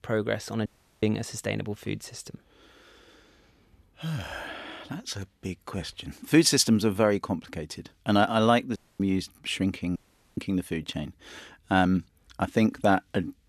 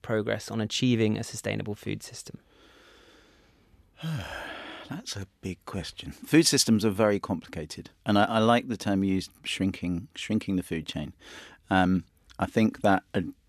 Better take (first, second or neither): second